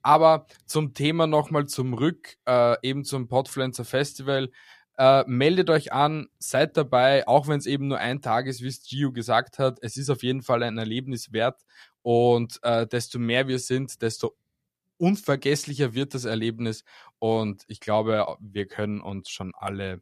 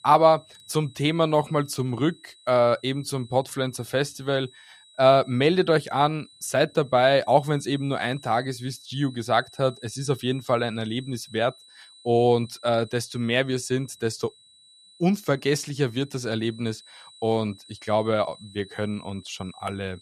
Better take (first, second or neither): first